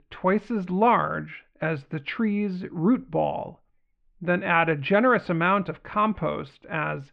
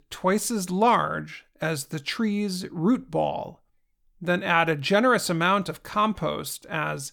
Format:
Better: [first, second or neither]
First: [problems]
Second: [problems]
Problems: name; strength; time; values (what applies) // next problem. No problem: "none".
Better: second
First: muffled; very; fading above 2.5 kHz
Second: none